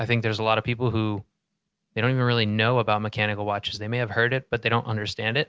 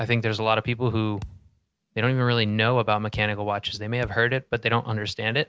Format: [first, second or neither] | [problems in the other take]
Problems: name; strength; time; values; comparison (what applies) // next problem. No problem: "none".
first | background sound (Thump, thud); 19 dB below the speech